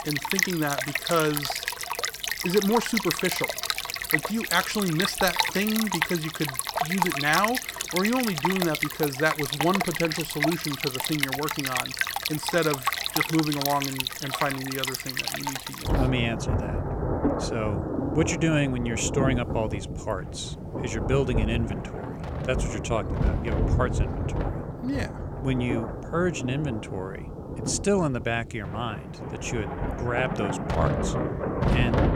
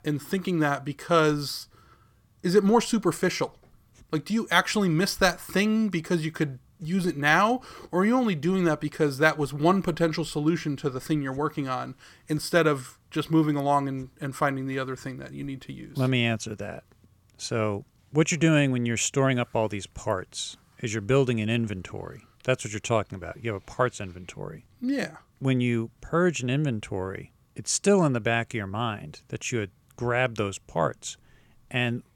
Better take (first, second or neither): second